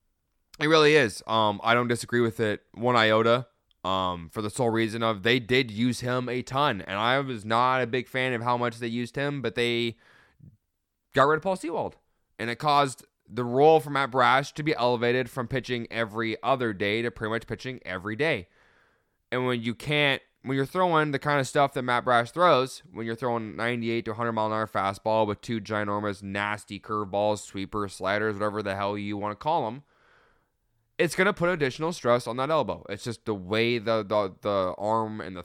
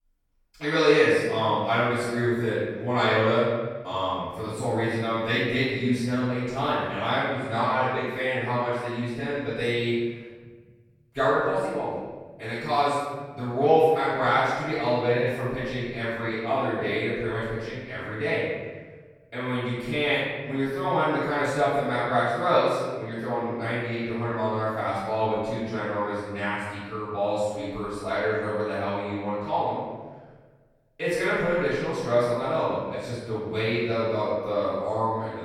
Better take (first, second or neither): first